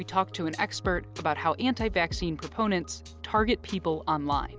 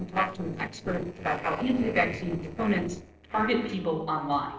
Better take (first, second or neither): first